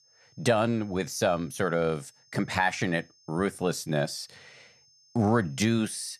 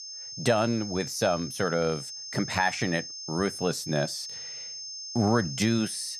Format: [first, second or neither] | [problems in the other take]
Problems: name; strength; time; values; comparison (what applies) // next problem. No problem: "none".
first | high-pitched whine; loud; throughout; 5 kHz, 8 dB below the speech; faint in the first